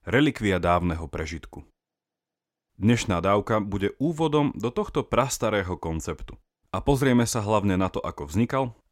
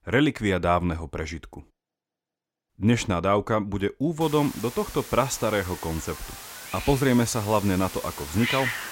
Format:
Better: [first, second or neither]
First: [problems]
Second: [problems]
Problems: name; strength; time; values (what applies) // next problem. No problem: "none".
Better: first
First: none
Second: hiss; loud; from 4 s on; 9 dB below the speech